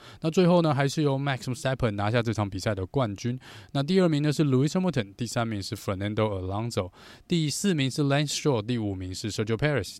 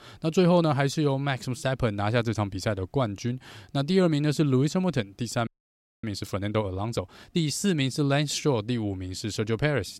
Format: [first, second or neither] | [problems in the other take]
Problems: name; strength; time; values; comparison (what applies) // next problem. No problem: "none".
first | audio freezing; at 5.5 s for 0.5 s